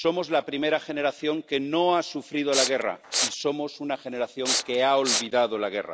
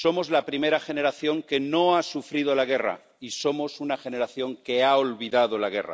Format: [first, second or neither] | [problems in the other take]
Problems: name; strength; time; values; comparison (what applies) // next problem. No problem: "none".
second | background sound (Respiratory sounds); 1 dB below the speech